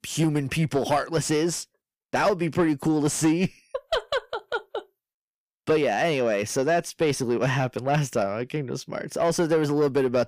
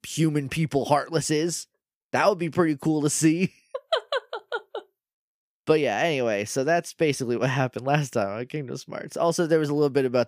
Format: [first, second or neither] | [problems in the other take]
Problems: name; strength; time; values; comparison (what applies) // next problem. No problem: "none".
second | distortion; slight; 10 dB below the speech